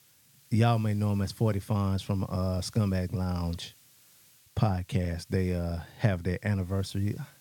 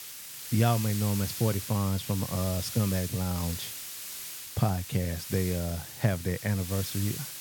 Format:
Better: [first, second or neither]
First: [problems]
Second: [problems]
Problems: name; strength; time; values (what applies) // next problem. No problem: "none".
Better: first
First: hiss; faint; throughout; 25 dB below the speech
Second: hiss; loud; throughout; 7 dB below the speech